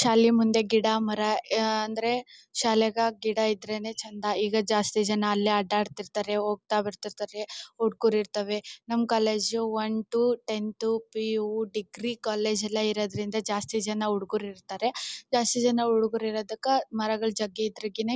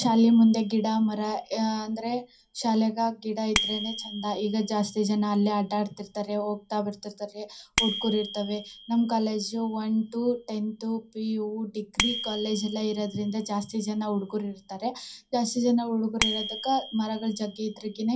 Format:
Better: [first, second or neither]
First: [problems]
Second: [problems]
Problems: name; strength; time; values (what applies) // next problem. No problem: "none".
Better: first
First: none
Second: background sound (Bicycle bell); 11 dB below the speech // room echo; dies away in 0.3 s